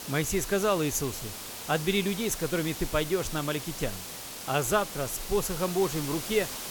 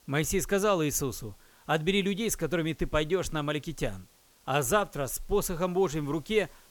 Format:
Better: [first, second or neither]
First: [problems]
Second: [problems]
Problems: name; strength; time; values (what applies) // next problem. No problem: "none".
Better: second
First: hiss; loud; throughout; 8 dB below the speech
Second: hiss; faint; throughout; 30 dB below the speech